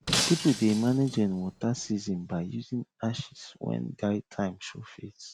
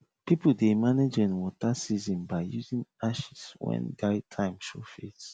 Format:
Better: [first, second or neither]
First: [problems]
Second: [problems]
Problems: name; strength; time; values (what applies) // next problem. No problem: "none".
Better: second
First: background sound (Shatter); 4 dB below the speech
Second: none